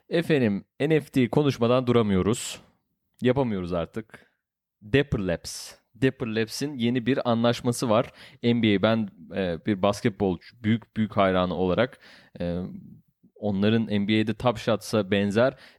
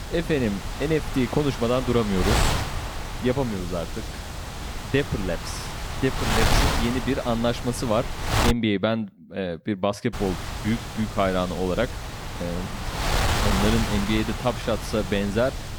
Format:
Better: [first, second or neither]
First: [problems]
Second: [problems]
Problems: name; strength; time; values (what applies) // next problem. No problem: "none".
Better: first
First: none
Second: wind noise on the microphone; heavy; until 8.5 s and from 10 s on; 2 dB below the speech